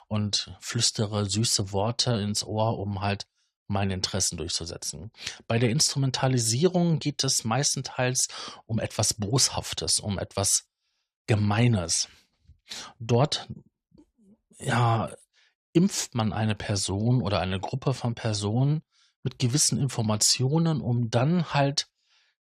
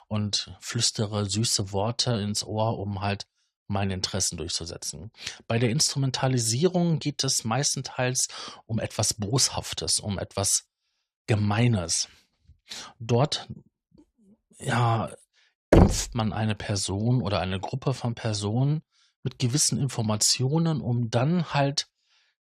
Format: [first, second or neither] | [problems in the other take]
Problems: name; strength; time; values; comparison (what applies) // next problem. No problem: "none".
first | door banging; loud; at 16 s; peak 5 dB above the speech